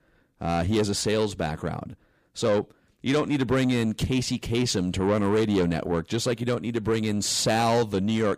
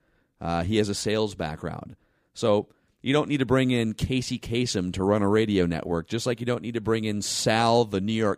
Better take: second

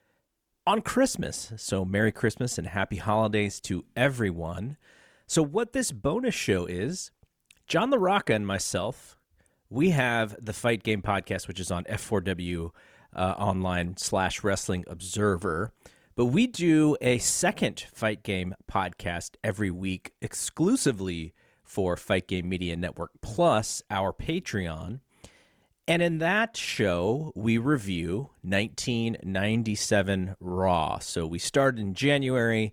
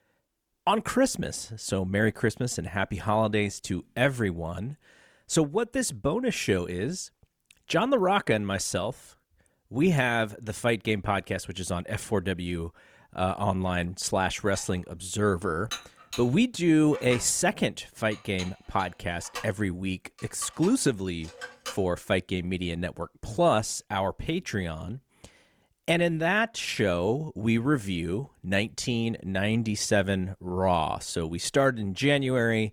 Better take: first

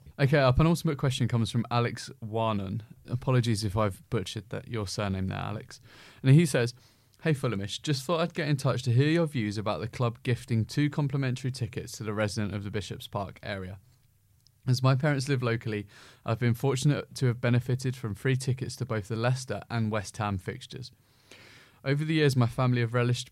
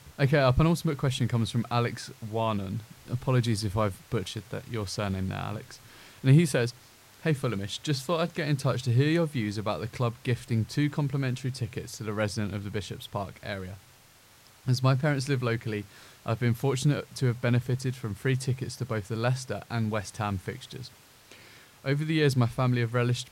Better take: first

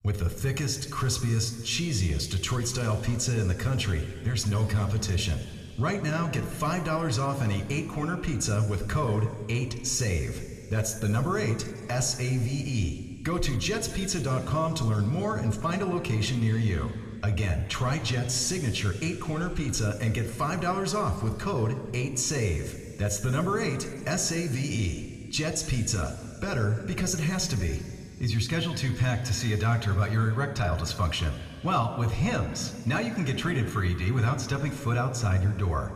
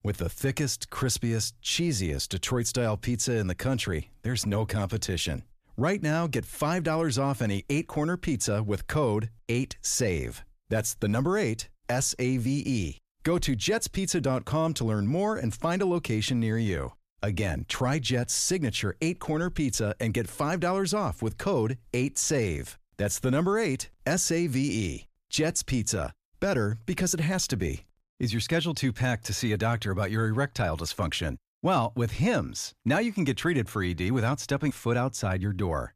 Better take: second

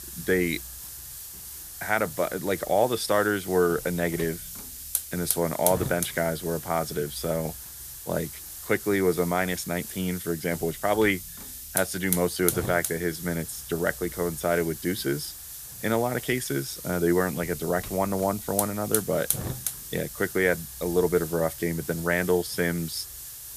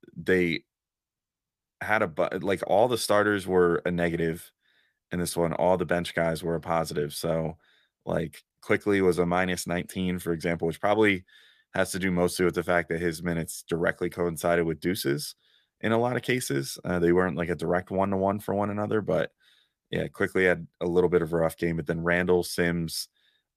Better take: second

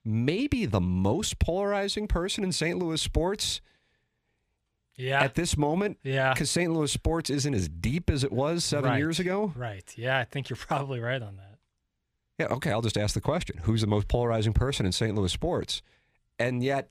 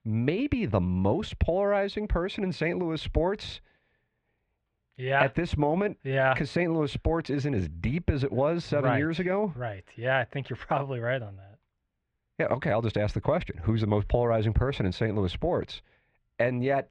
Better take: first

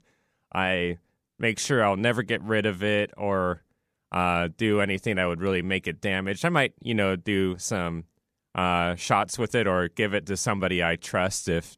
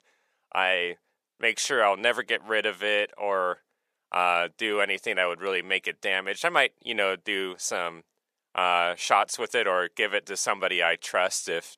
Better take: first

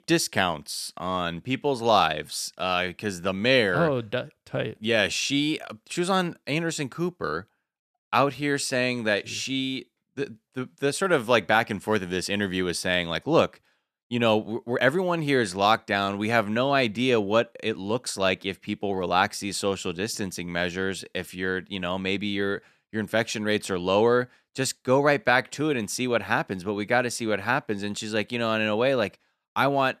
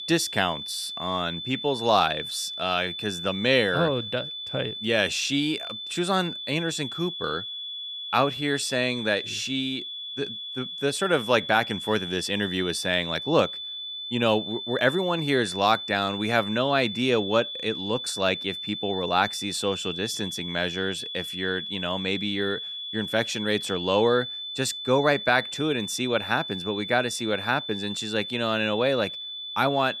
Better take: first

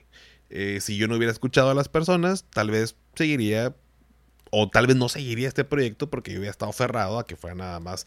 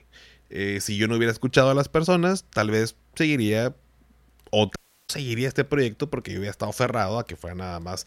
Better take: first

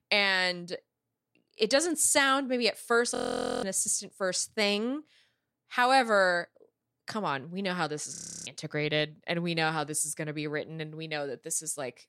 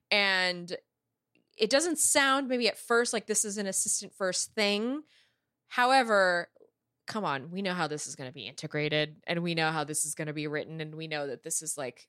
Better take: second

